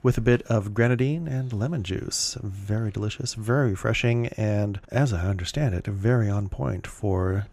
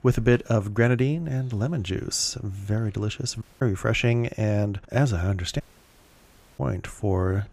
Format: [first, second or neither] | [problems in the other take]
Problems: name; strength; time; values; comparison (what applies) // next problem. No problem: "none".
first | audio cutting out; at 3.5 s and at 5.5 s for 1 s